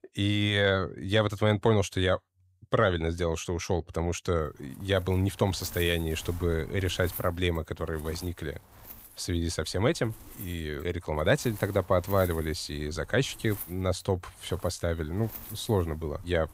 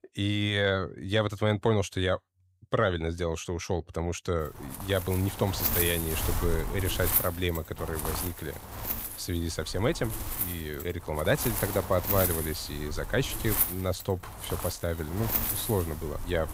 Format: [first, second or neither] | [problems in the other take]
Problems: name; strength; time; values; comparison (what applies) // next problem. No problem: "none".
first | wind noise on the microphone; heavy; from 4.5 s on; 6 dB below the speech; occasional gusts in the first